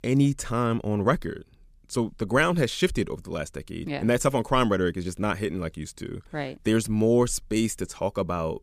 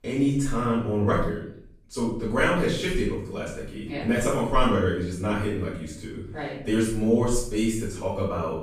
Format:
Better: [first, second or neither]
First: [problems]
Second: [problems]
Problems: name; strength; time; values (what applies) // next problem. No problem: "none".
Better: first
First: none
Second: room echo; noticeable; dies away in 0.5 s // off-mic speech; far